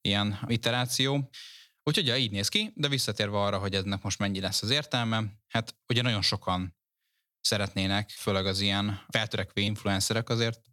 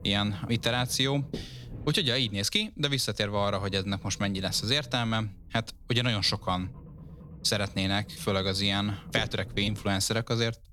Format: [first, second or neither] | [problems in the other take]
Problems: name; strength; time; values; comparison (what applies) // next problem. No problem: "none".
first | low rumble; faint; throughout; 25 dB below the speech